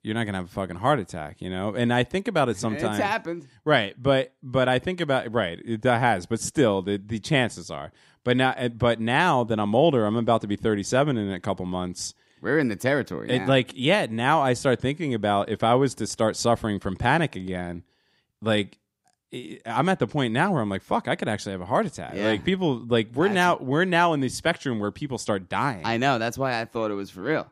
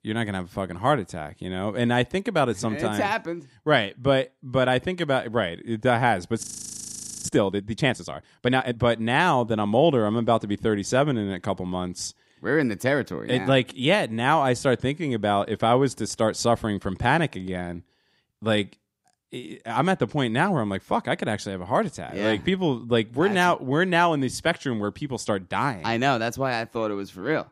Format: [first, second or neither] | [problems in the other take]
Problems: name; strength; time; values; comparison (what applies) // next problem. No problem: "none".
first | audio freezing; at 6.5 s for 1 s